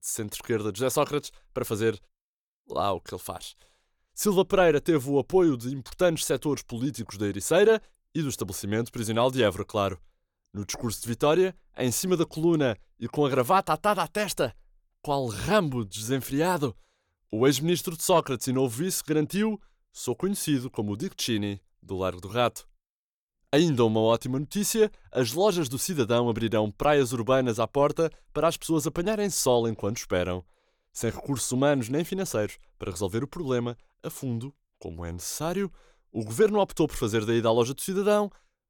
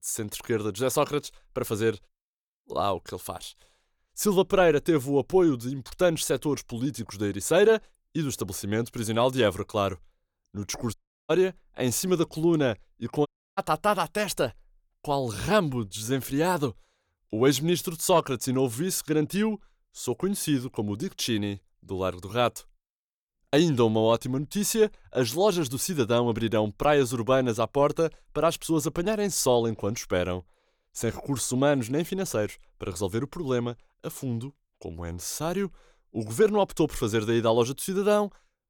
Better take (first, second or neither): first